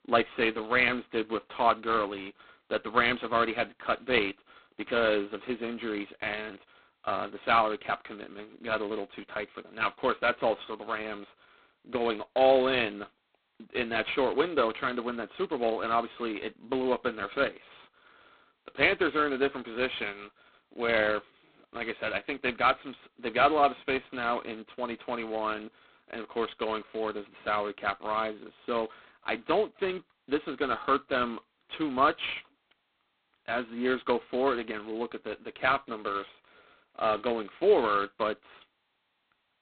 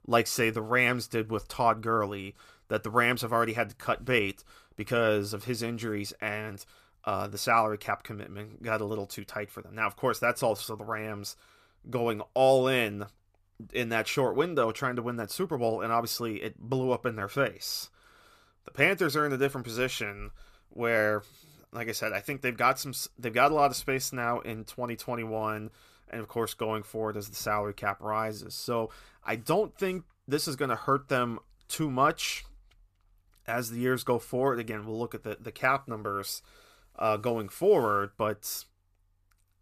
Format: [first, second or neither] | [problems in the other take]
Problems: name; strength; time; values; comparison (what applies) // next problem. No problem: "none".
second | phone-call audio; poor line; nothing above 4 kHz